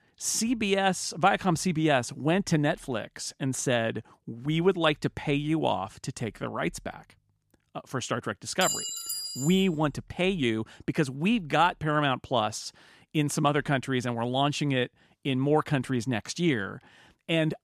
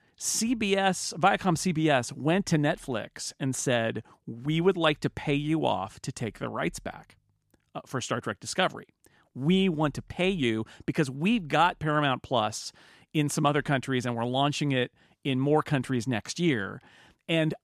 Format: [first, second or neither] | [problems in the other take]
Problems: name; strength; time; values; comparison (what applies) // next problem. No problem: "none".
second | clattering dishes; noticeable; at 8.5 s; peak 1 dB below the speech